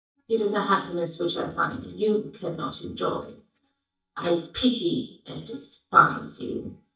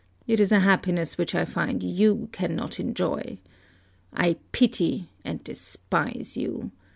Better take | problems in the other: second | noise reduction (neural mask model DeepFilterNet 3)

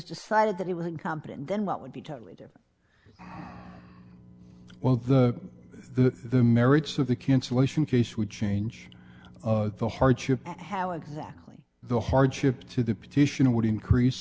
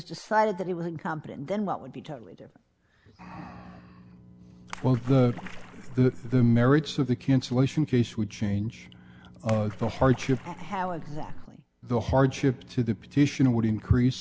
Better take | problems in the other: first | background sound (Splash, splatter); 11 dB below the speech

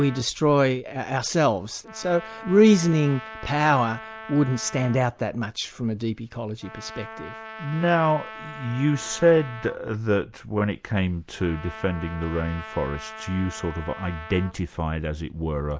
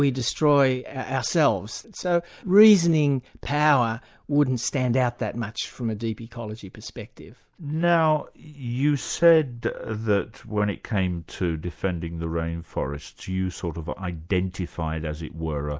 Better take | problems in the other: second | background sound (Trumpet); 17 dB below the speech

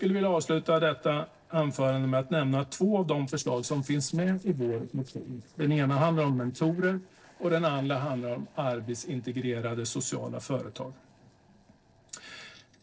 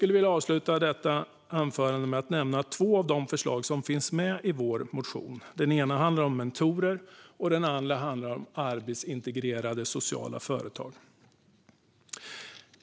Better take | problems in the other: second | noise reduction (neural separator model SepFormer DNS4)

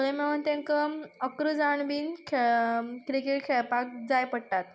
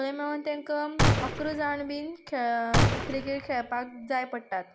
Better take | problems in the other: first | background sound (Gunshot, gunfire); 3 dB above the speech

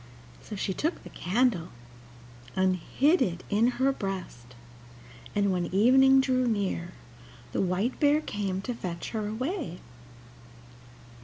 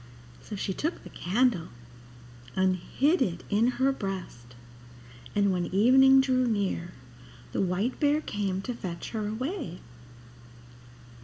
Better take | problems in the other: first | room echo; dies away in 0.7 s

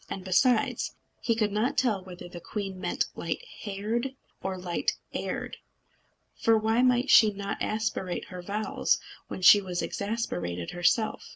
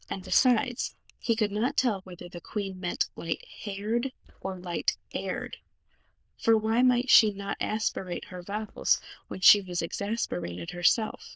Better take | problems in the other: first | noise reduction (neural diffusion model UNIVERSE++)

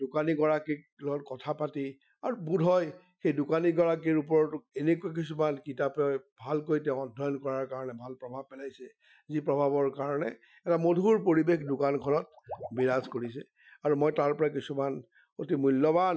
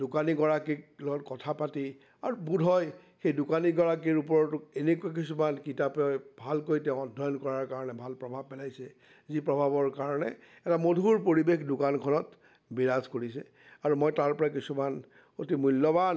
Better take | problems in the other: second | noise reduction (classical method Wiener filter)

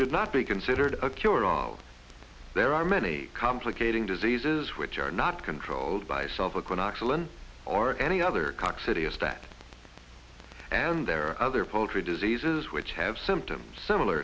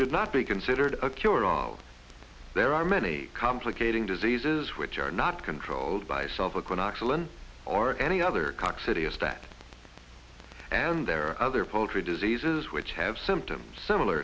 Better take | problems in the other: second | background sound (Bowed string instrument); 18 dB below the speech

